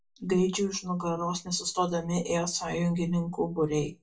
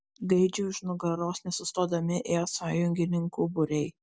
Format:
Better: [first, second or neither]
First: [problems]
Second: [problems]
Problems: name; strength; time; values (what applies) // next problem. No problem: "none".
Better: second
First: room echo; dies away in 0.2 s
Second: none